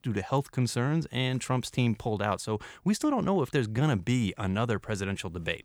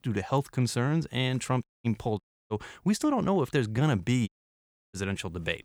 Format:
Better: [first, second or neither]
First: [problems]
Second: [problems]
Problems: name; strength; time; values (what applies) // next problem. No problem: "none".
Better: first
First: none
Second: audio cutting out; at 1.5 s, at 2 s and at 4.5 s for 0.5 s